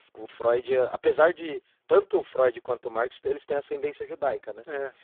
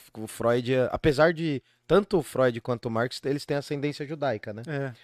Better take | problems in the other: second | phone-call audio; poor line

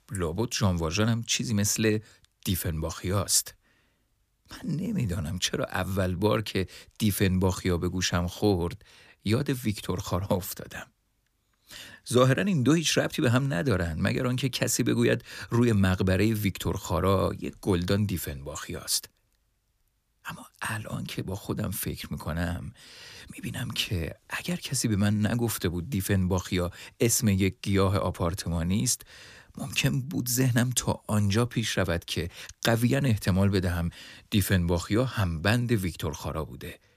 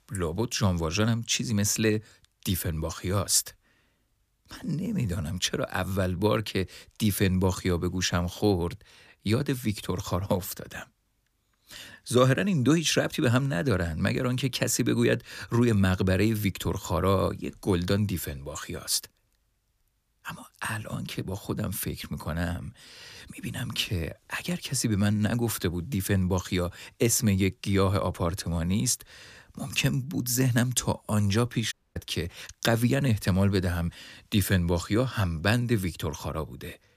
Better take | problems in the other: first | audio cutting out; at 32 s

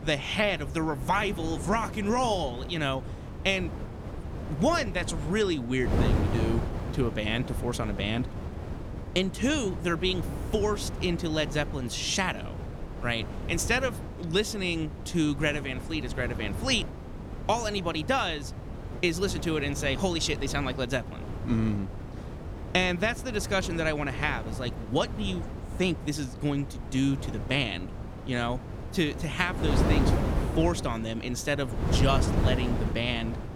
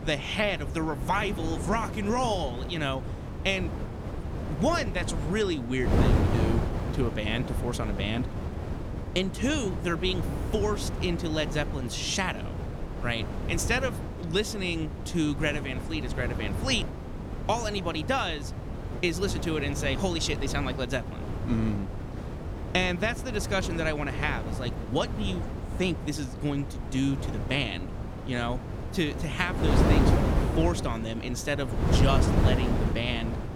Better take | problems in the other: first | wind noise on the microphone; heavy; 7 dB below the speech; occasional gusts in the first

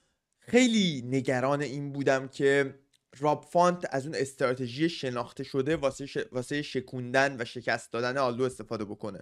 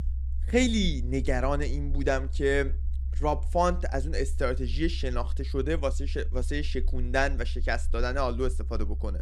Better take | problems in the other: first | low rumble; faint; throughout; 25 dB below the speech

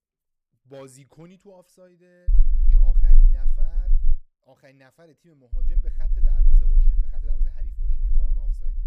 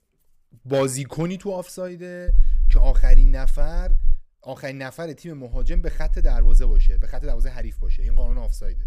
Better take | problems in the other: second | low rumble; loud; from 2.5 to 4 s and from 5.5 s on; 1 dB below the speech; faint in the second

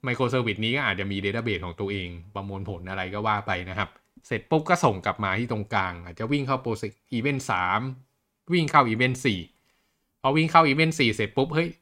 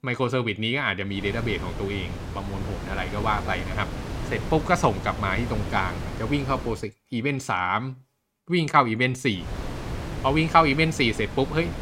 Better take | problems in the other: first | wind noise on the microphone; occasional gusts; from 1 to 6.5 s and from 9.5 s on; 15 dB below the speech

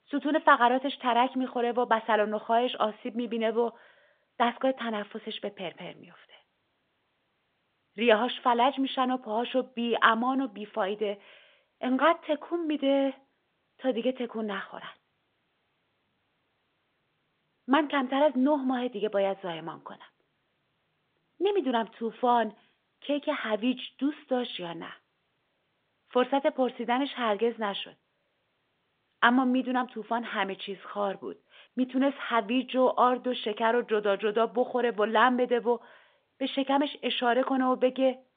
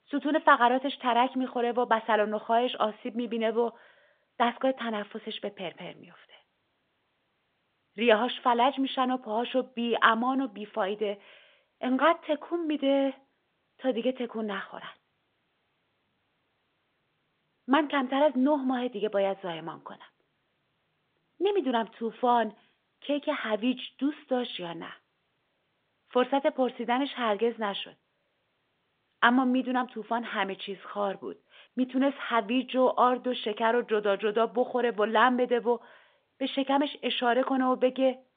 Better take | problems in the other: neither | phone-call audio; the same in both

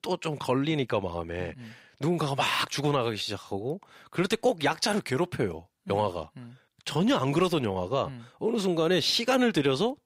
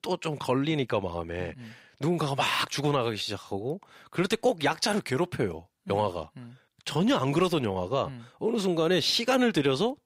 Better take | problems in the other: neither | none

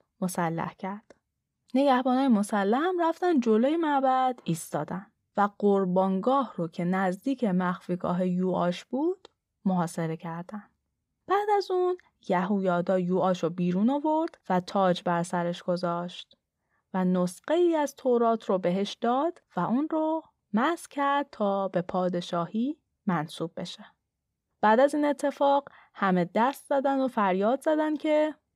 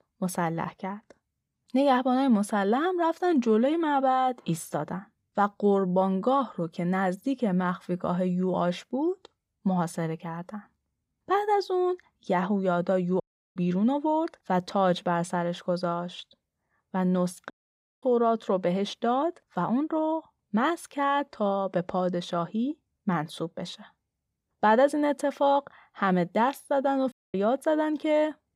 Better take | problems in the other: first | audio cutting out; at 13 s, at 18 s for 0.5 s and at 27 s

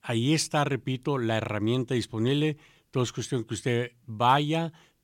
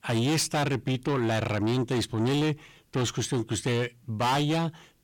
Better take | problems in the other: first | distortion; heavy; 7 dB below the speech

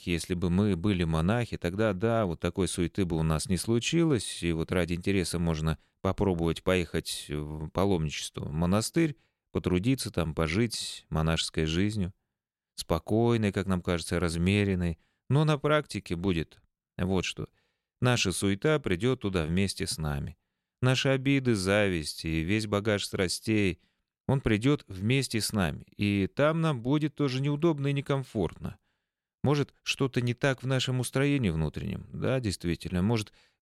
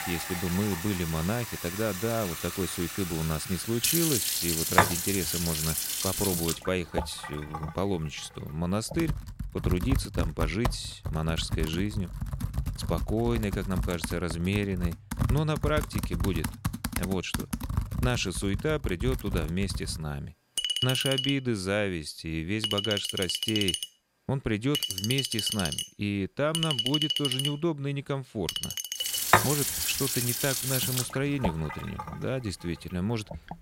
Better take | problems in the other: first | household noises; very loud; throughout; 1 dB above the speech

